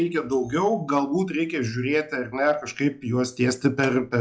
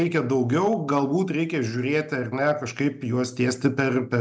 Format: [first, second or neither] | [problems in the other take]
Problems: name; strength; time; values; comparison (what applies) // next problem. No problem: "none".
second | noise reduction (classical method log-MMSE)